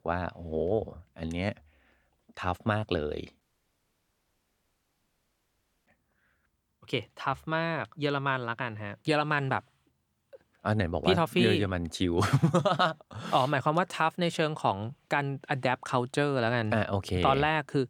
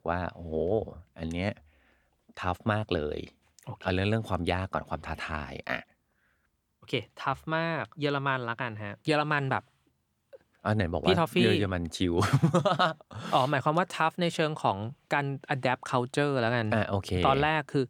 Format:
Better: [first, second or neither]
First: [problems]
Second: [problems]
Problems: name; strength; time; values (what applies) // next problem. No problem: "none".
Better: second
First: audio cutting out; at 3.5 s for 2.5 s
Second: none